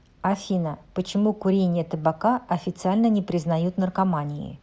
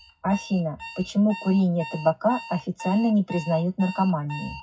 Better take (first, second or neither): first